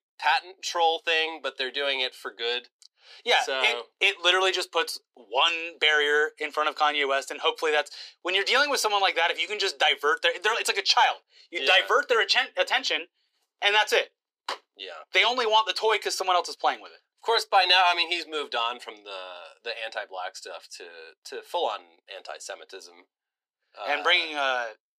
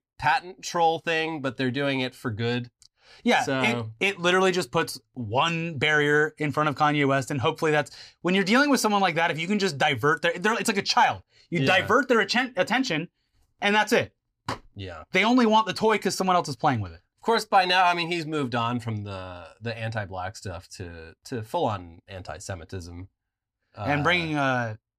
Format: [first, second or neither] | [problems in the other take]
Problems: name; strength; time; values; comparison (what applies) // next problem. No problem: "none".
second | thin; very; fading below 400 Hz